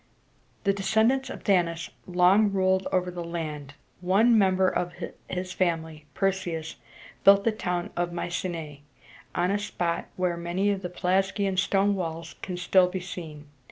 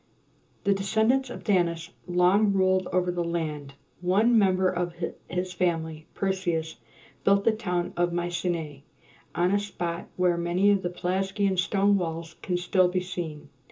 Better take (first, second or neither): first